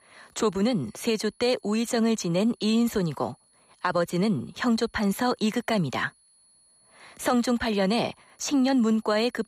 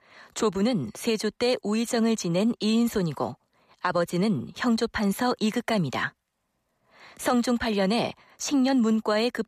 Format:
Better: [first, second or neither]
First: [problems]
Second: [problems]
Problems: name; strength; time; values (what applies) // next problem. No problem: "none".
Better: second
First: high-pitched whine; faint; throughout; 10.5 kHz, 35 dB below the speech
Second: none